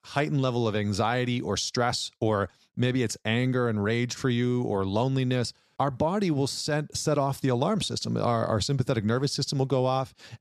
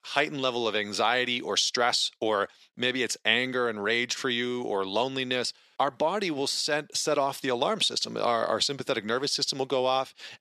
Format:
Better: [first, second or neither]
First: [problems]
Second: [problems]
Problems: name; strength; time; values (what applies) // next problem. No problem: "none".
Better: first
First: none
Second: thin; somewhat; fading below 350 Hz